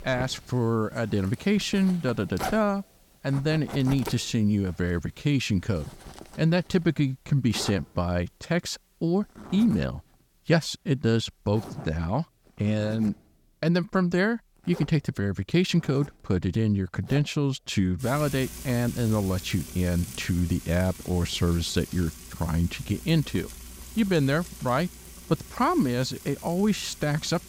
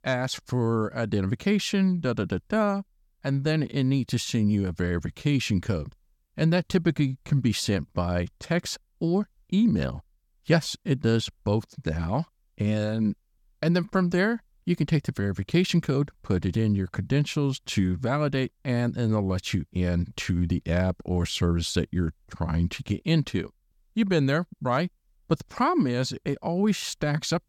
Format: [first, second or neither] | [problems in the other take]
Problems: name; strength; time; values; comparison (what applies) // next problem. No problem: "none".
second | household noises; noticeable; throughout; 15 dB below the speech